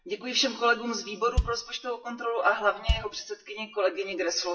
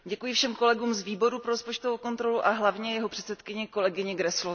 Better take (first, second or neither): second